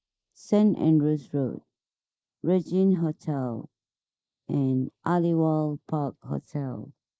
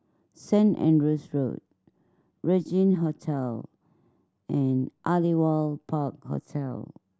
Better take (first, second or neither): second